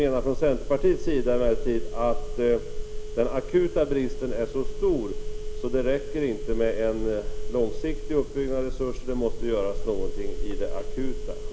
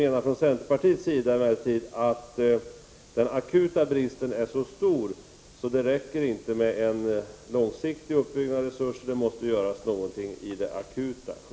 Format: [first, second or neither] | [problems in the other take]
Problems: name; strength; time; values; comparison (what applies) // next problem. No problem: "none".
second | background sound (Telephone); 1 dB below the speech